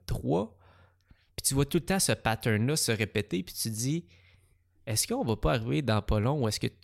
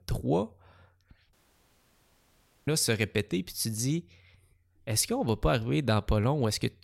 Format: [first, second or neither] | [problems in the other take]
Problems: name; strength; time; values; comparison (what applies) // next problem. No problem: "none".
first | audio cutting out; at 1.5 s for 1.5 s